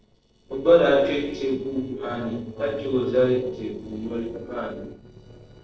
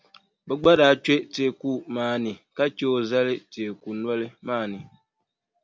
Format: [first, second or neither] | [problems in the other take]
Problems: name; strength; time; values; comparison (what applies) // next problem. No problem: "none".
second | noise reduction (neural separator model SepFormer DNS4)